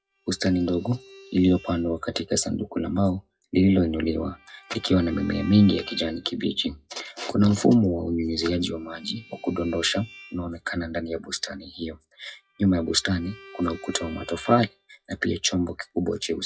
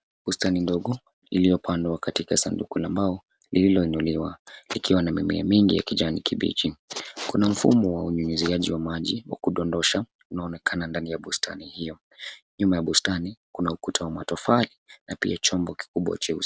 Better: second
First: noise reduction (classical method WPE with log-MMSE)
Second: none

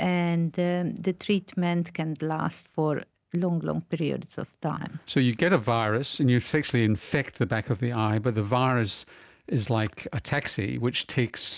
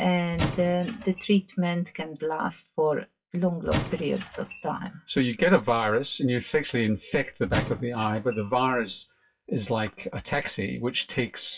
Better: first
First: none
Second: noise reduction (classical method WPE with log-MMSE)

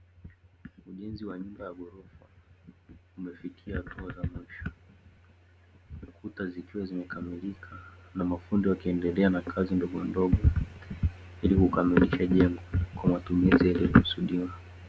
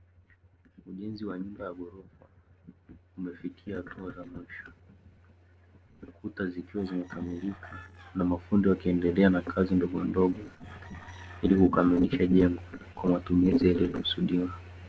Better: first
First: none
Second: noise reduction (neural separator model SepFormer DNS4)

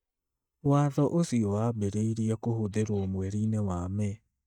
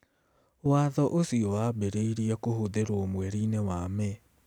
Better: second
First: noise reduction (neural mask model DeepFilterNet 3)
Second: none

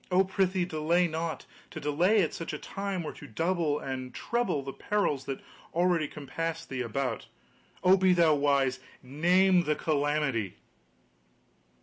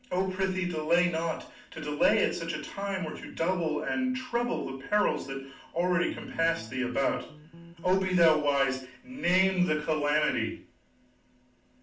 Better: first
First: none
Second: background sound (Bass guitar); 17 dB below the speech // room echo; dies away in 0.4 s

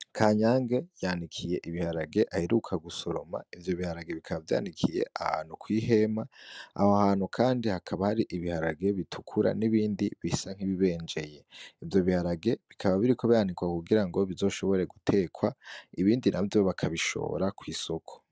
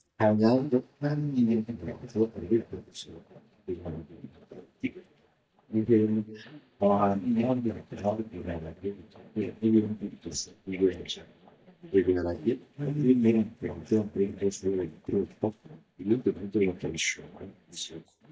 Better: first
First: none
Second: noise reduction (neural mask model DeepFilterNet 3)

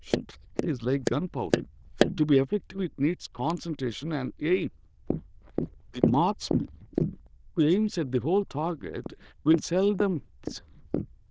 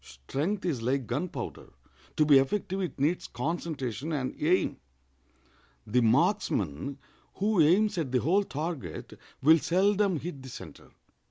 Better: second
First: noise reduction (neural diffusion model UNIVERSE++)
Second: none

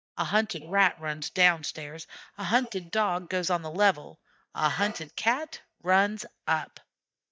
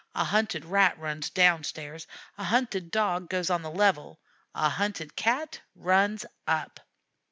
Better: second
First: noise reduction (neural mask model DeepFilterNet 3)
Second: none

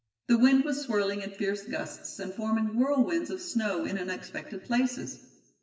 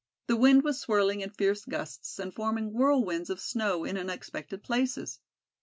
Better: second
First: room echo; dies away in 1 s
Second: none

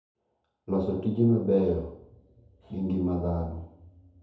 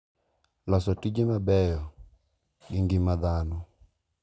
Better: second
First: room echo; dies away in 2 s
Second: none

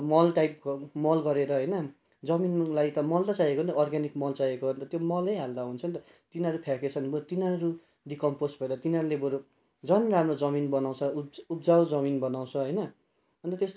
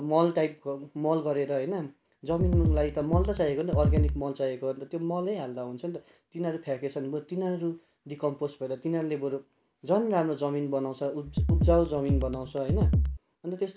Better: first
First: none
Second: background sound (Drum kit); 3 dB above the speech

